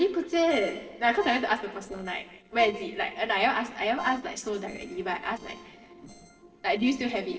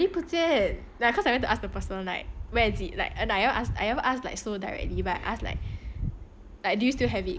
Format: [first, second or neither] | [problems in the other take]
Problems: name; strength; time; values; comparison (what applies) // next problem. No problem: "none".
second | noise reduction (neural separator model SepFormer DNS4)